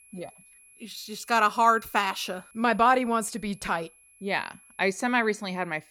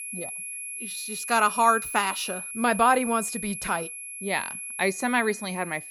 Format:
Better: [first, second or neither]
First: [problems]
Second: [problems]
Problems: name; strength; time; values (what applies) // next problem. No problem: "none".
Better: first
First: high-pitched whine; faint; throughout; 11 kHz, 25 dB below the speech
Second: high-pitched whine; loud; throughout; 11 kHz, 8 dB below the speech